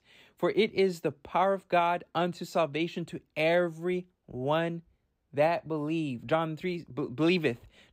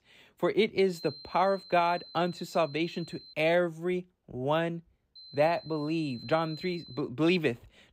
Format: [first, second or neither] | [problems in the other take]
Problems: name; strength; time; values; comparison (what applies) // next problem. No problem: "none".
first | high-pitched whine; noticeable; from 1 to 3.5 s and from 5 to 7 s; 4 kHz, 15 dB below the speech